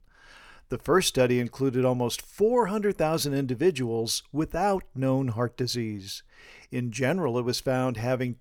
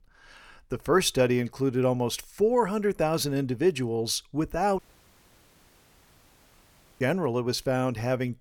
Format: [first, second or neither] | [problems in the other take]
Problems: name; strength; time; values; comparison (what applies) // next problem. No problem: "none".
first | audio cutting out; at 5 s for 2 s